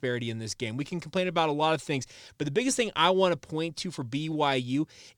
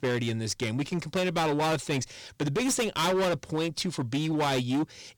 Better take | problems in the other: first | distortion; heavy; 19% of the sound clipped

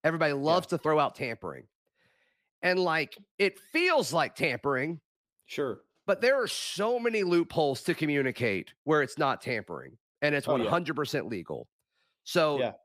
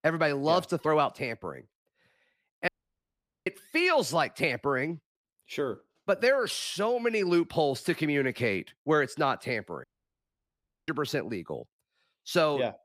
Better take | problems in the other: first | audio cutting out; at 2.5 s for 1 s and at 10 s for 1 s

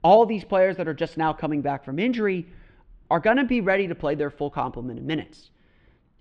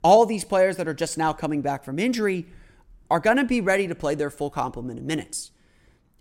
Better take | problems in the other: second | muffled; slightly; fading above 3.5 kHz

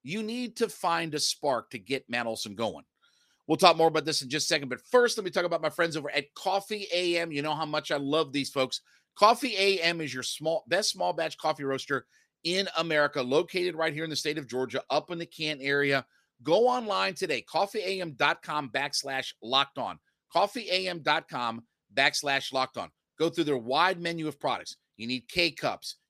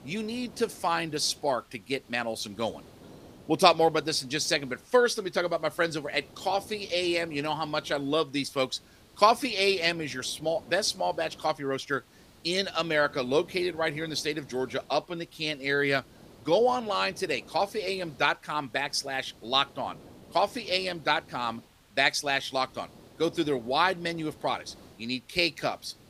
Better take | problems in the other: first | hiss; faint; throughout; 25 dB below the speech

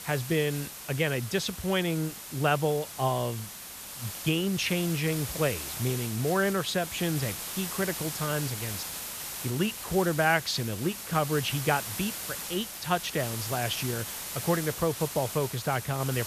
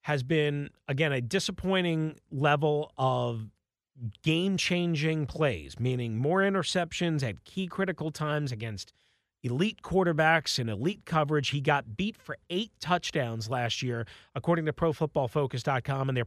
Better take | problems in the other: second | hiss; loud; throughout; 6 dB below the speech

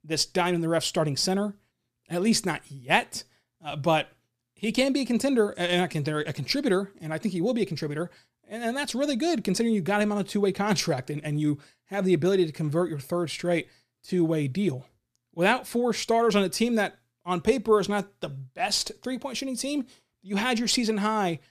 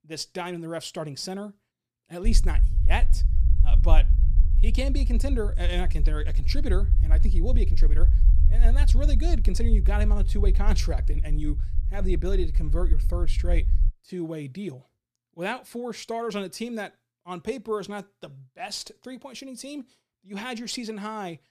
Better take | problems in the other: first | low rumble; noticeable; from 2.5 to 14 s; 10 dB below the speech

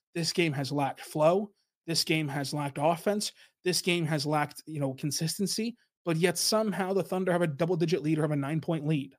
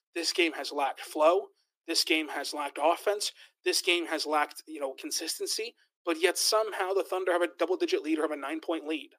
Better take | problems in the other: first | thin; very; fading below 300 Hz

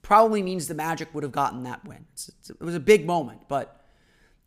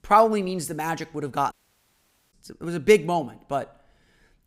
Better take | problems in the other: first | audio cutting out; at 1.5 s for 1 s

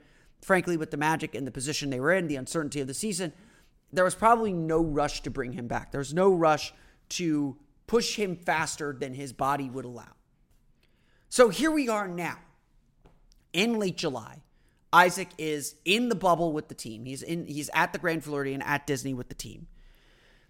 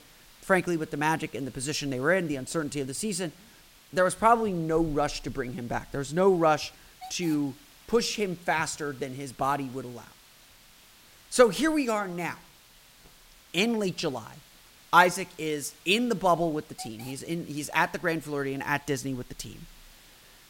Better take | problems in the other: first | hiss; faint; throughout; 25 dB below the speech

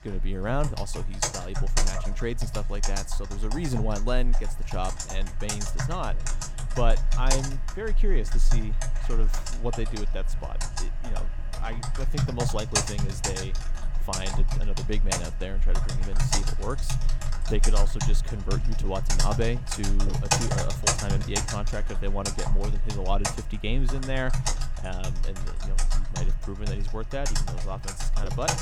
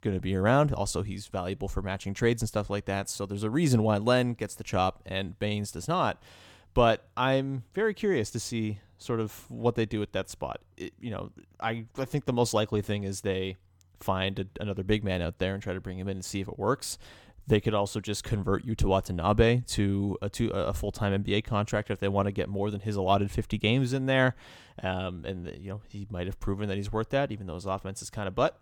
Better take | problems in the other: second | household noises; very loud; throughout; 4 dB above the speech

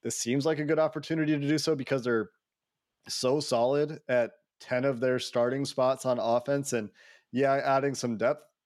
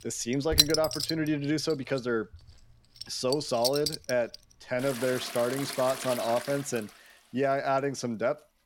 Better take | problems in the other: first | household noises; loud; throughout; 1 dB below the speech

